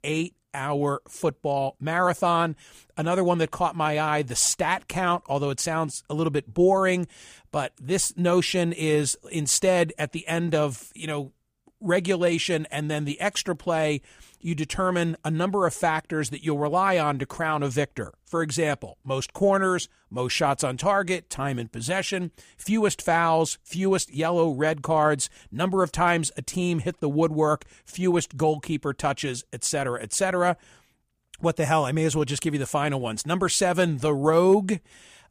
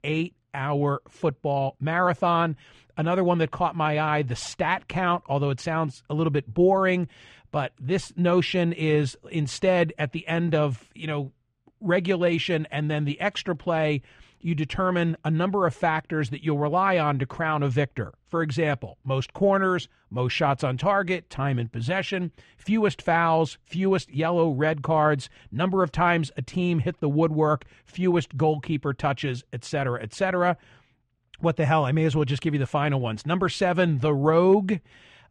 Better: first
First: none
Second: muffled; slightly; fading above 3 kHz

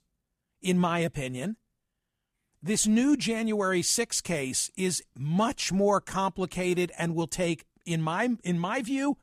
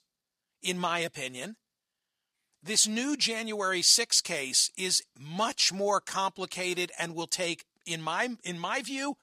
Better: first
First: none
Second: thin; somewhat; fading below 750 Hz

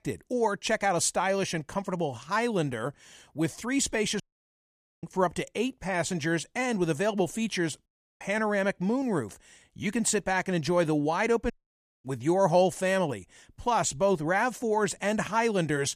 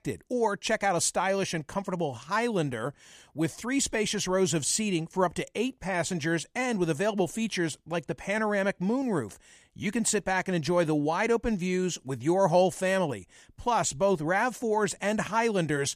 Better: second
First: audio cutting out; at 4 s for 1 s, at 8 s and at 12 s for 0.5 s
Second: none

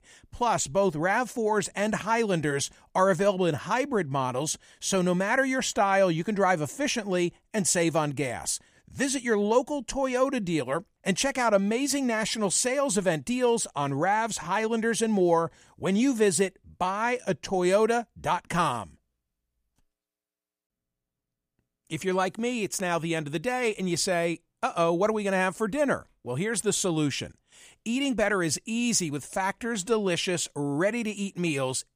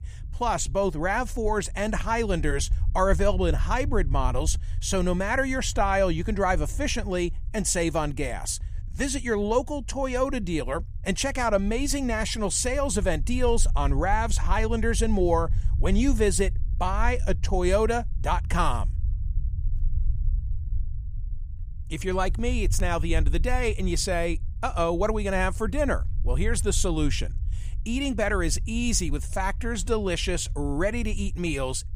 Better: first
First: none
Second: low rumble; faint; throughout; 25 dB below the speech

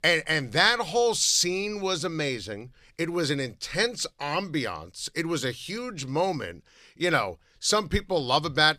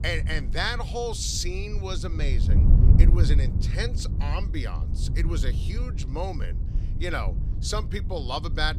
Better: first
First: none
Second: wind noise on the microphone; heavy; 9 dB below the speech

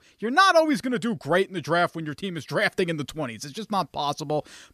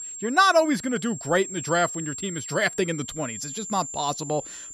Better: first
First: none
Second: high-pitched whine; loud; throughout; 7.5 kHz, 9 dB below the speech

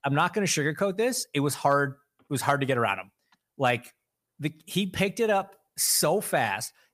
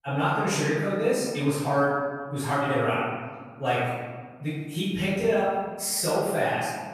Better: first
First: none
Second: room echo; strong; dies away in 1.5 s // off-mic speech; far

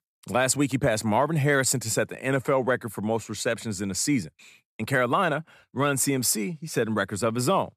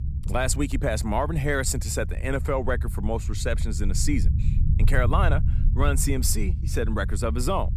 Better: first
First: none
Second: low rumble; noticeable; throughout; 15 dB below the speech

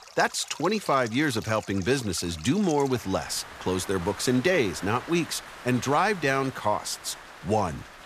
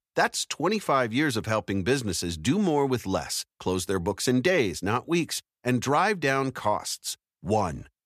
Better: second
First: rain or running water; noticeable; throughout; 15 dB below the speech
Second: none

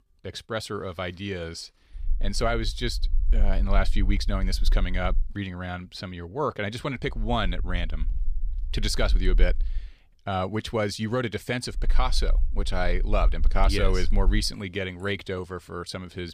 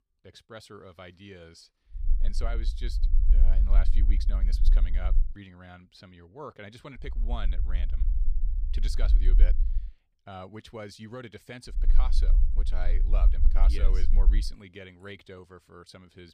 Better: first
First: low rumble; faint; from 2 to 5 s, from 7 to 10 s and from 12 to 14 s; 25 dB below the speech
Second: low rumble; loud; from 2 to 5 s, from 7 to 10 s and from 12 to 14 s; 9 dB below the speech

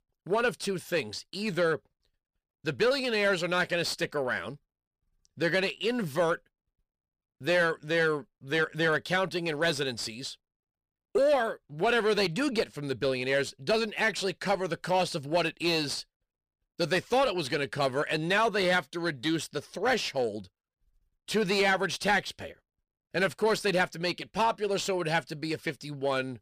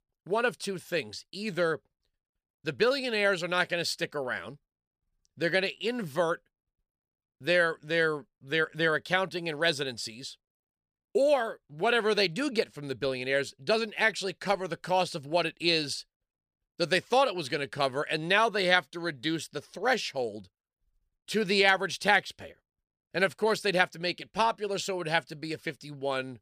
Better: second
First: distortion; slight; 10 dB below the speech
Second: none

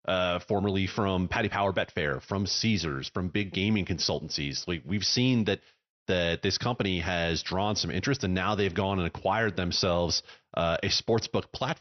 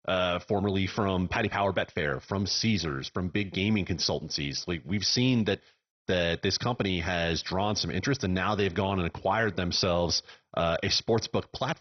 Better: first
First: garbled, watery; slightly; nothing above 6 kHz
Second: garbled, watery; badly; nothing above 6 kHz

